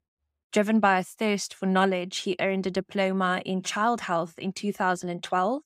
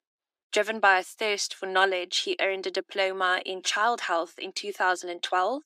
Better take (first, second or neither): first